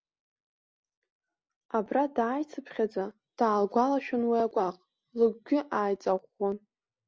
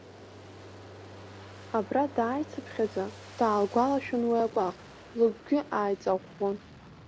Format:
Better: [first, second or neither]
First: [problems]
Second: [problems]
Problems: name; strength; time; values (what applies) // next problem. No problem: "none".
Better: first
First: none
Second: background sound (Aircraft + Bowed string instrument); 17 dB below the speech